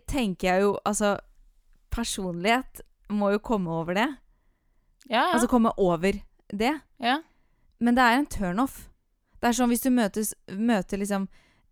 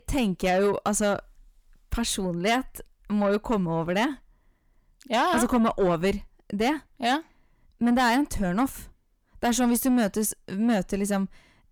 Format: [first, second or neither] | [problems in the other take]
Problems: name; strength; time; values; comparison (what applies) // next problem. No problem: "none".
first | distortion; slight; 10 dB below the speech